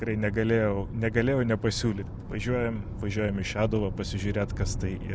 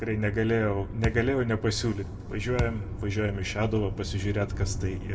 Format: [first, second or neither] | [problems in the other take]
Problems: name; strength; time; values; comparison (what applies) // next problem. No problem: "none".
first | background sound (Thump, thud); 7 dB below the speech // room echo; dies away in 1.3 s